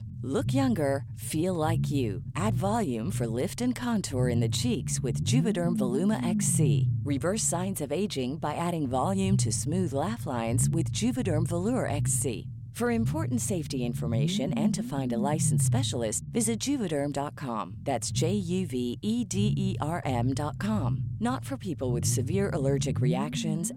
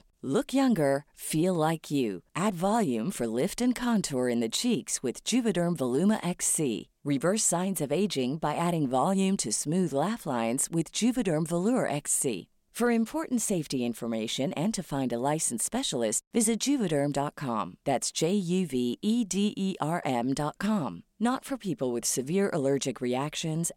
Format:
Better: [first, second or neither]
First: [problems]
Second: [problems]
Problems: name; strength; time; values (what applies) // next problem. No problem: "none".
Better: second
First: low rumble; noticeable; throughout; 10 dB below the speech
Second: none